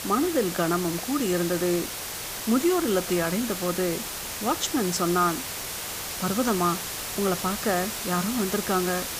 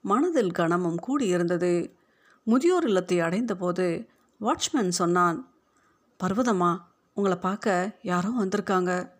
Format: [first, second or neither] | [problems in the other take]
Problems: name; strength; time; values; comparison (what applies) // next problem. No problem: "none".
second | hiss; loud; throughout; 4 dB below the speech